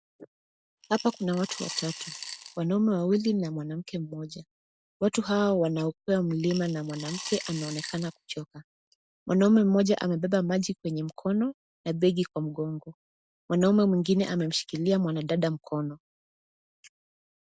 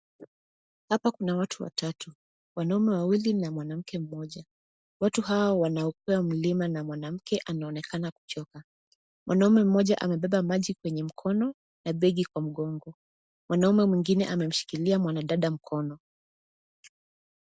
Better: second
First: background sound (Coin (dropping) / Glass); 13 dB below the speech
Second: none

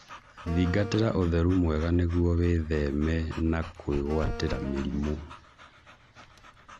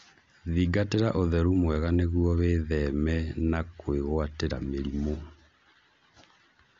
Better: second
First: background sound (Dog / Breathing + Wind instrument, woodwind instrument); 13 dB below the speech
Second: none

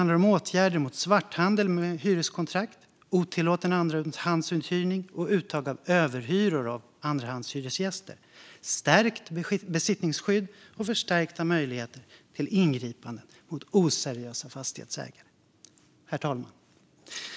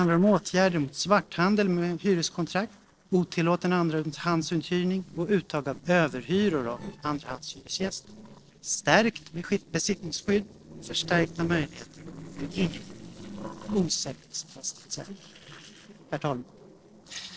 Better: first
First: none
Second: noise reduction (neural separator model SepFormer DNS4)

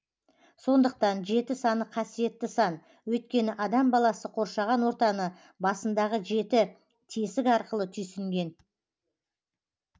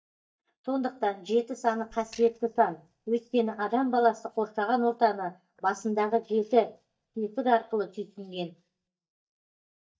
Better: first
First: none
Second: noise reduction (neural mask model DeepFilterNet 3)

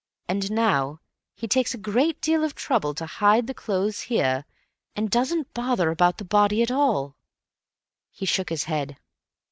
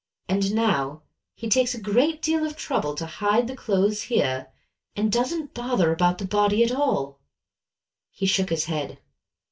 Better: first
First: none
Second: room echo; dies away in 0.2 s

